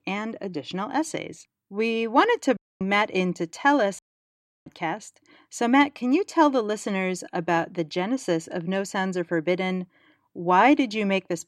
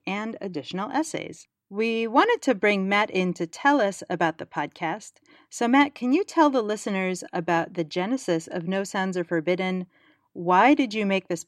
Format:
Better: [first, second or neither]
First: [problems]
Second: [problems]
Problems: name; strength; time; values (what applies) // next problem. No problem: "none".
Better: second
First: audio cutting out; at 2.5 s and at 4 s for 0.5 s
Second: none